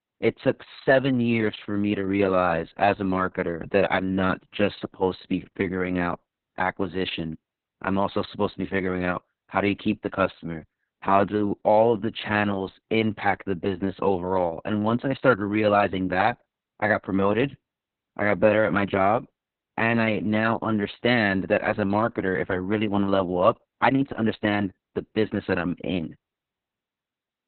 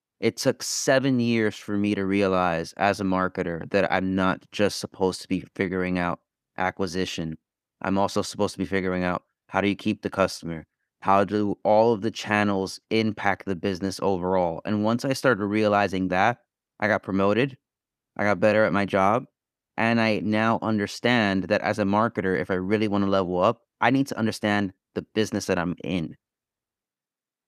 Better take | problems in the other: second | garbled, watery; badly; nothing above 4 kHz

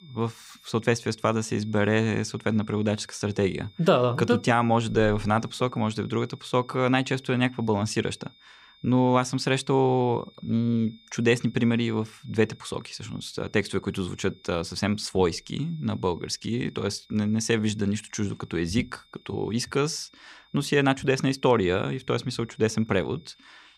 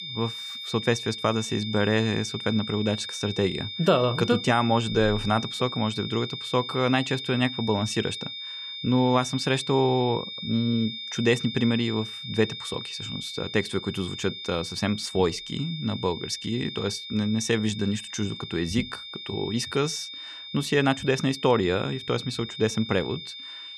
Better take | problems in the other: first | high-pitched whine; loud; throughout; 3.5 kHz, 8 dB below the speech; faint in the first

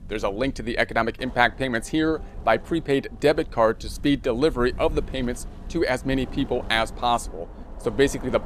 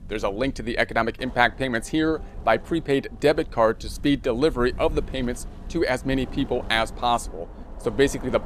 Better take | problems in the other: neither | wind noise on the microphone; occasional gusts; 20 dB below the speech; the same in both

